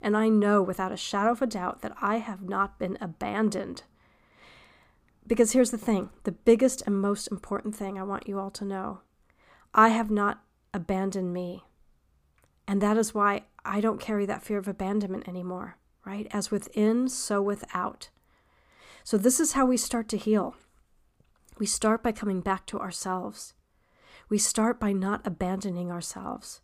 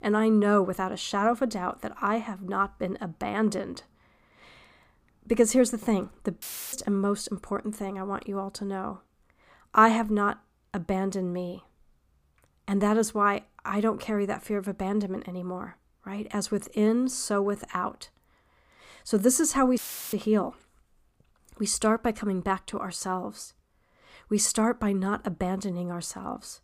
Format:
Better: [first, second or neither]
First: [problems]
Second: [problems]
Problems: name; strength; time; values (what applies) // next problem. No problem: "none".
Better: first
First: none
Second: audio cutting out; filled with static; at 6.5 s and at 20 s